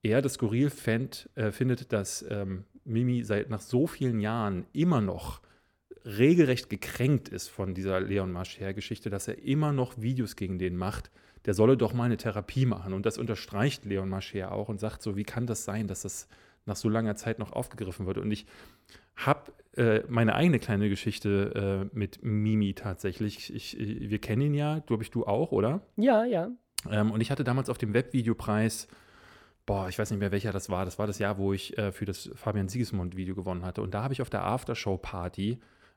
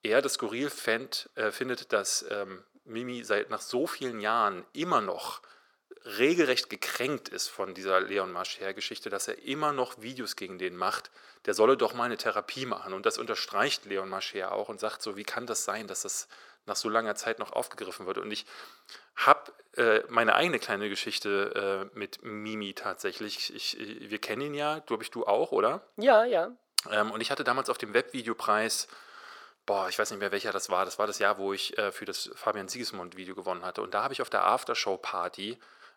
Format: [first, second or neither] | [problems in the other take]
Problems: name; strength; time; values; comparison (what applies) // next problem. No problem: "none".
first | thin; very; fading below 550 Hz